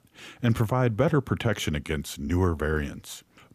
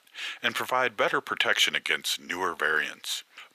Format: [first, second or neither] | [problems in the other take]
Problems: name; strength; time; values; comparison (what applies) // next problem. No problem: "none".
first | thin; very; fading below 700 Hz